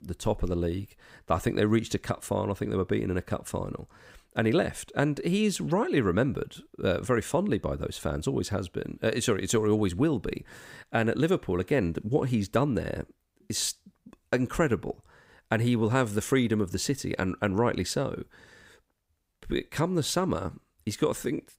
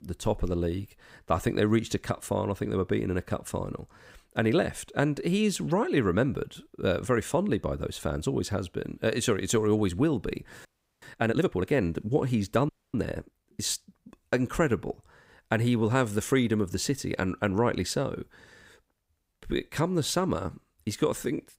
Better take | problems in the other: first | audio freezing; at 11 s and at 13 s

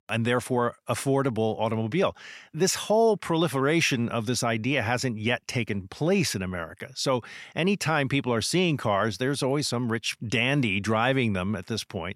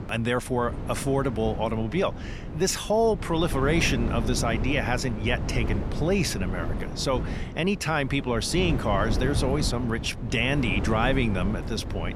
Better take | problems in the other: first | wind noise on the microphone; occasional gusts; 10 dB below the speech

